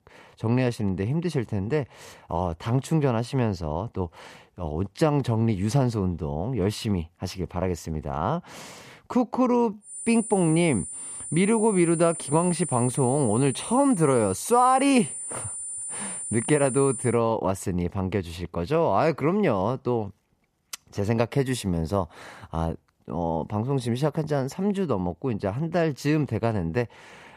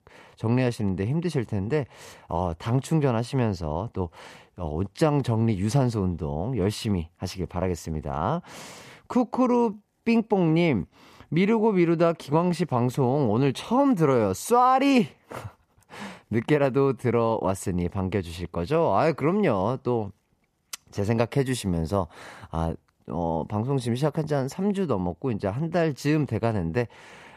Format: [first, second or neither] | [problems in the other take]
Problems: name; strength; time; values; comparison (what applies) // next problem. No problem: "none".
second | high-pitched whine; loud; from 10 to 17 s; 9.5 kHz, 7 dB below the speech